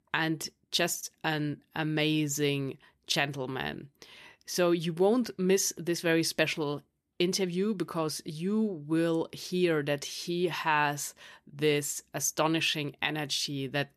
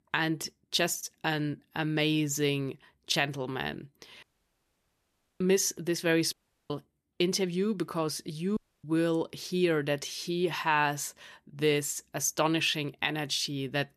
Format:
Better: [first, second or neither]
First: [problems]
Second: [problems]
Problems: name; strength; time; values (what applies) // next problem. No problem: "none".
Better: first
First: none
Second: audio cutting out; at 4 s for 1 s, at 6.5 s and at 8.5 s